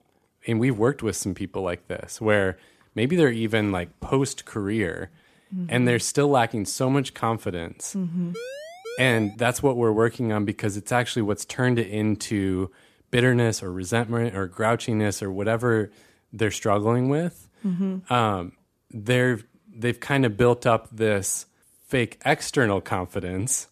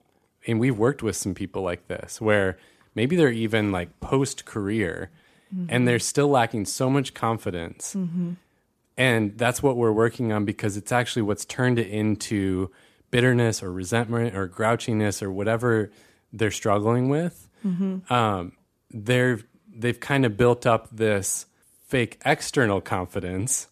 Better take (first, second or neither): second